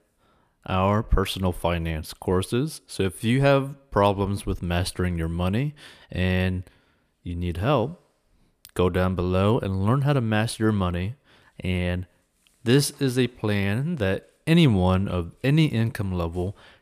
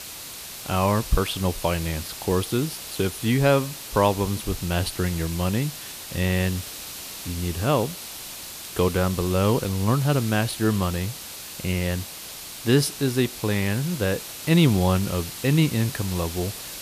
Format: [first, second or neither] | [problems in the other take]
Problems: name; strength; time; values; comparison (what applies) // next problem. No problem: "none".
first | hiss; loud; throughout; 10 dB below the speech